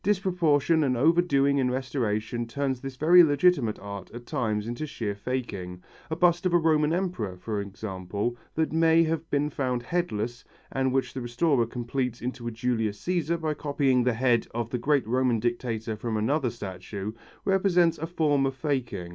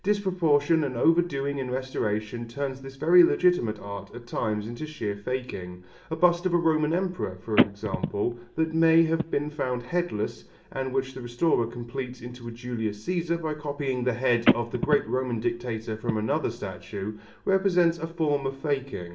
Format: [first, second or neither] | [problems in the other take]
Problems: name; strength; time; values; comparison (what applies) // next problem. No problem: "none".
first | background sound (Telephone); 3 dB below the speech // room echo; dies away in 0.5 s